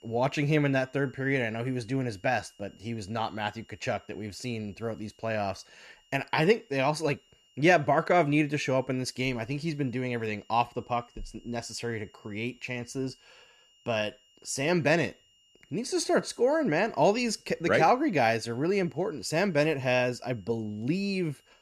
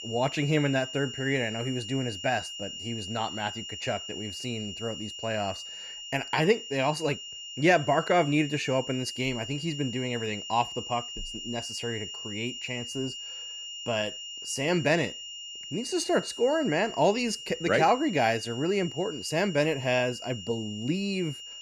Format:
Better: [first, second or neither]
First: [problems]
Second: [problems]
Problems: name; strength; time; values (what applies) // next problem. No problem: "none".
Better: first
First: high-pitched whine; faint; throughout; 3 kHz, 30 dB below the speech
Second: high-pitched whine; loud; throughout; 3 kHz, 9 dB below the speech